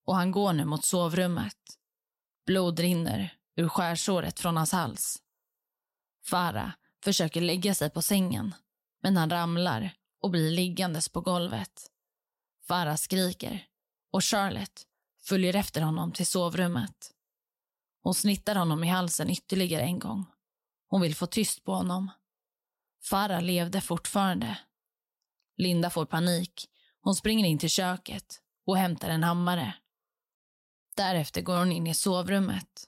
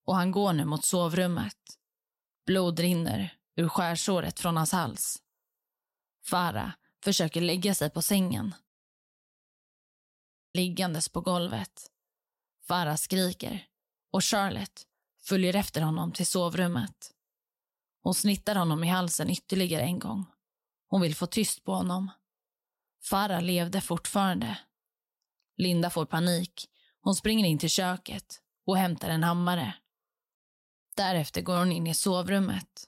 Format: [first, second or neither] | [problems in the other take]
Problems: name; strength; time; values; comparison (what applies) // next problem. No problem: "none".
first | audio cutting out; at 8.5 s for 2 s